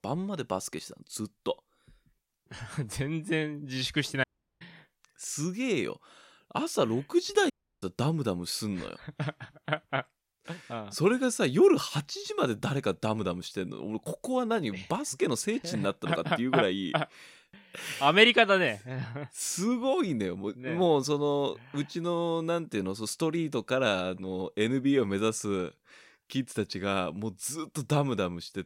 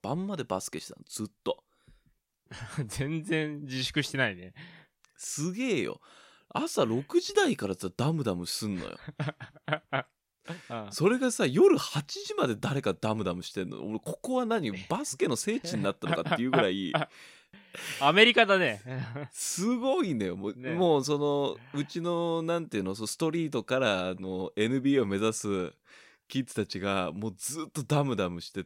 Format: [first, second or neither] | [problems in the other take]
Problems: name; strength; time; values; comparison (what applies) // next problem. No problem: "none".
second | audio cutting out; at 4 s and at 7.5 s